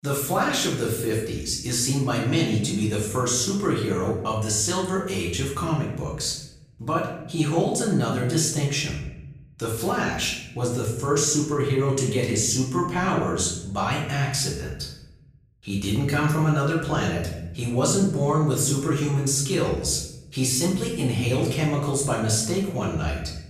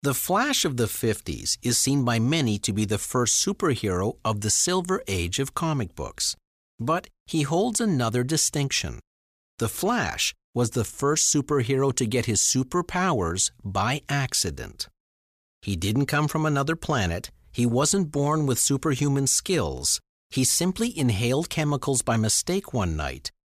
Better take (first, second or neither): second